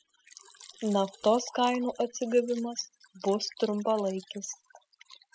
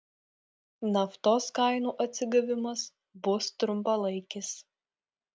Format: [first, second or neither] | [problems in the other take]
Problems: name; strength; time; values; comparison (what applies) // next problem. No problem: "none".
second | noise reduction (classical method spectral subtraction)